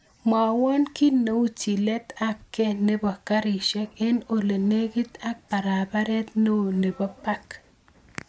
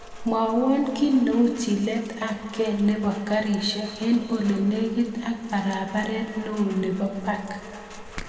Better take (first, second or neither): first